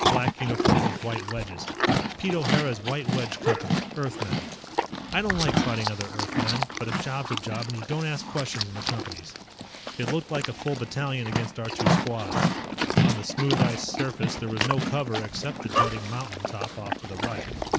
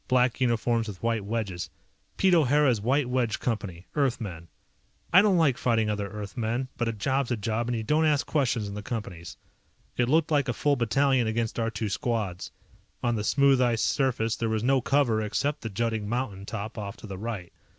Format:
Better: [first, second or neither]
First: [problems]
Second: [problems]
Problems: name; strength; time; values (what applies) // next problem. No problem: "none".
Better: second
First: background sound (Livestock, farm animals, working animals); 3 dB above the speech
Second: none